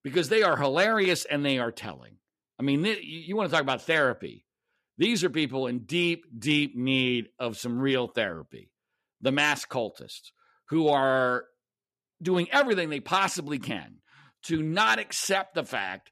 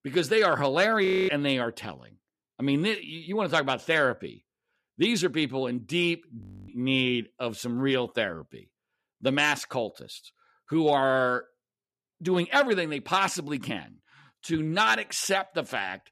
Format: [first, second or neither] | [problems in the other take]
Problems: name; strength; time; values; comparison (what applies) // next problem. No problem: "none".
first | audio freezing; at 1 s and at 6.5 s